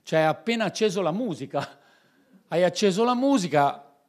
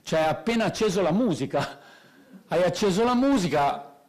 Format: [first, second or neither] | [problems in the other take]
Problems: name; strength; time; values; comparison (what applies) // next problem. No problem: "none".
first | distortion; heavy; 6 dB below the speech